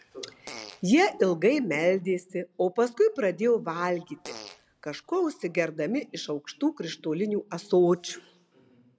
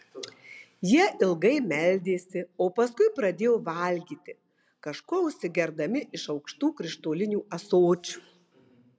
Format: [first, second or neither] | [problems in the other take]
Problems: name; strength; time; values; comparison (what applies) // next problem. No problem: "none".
second | background sound (Fart); 20 dB below the speech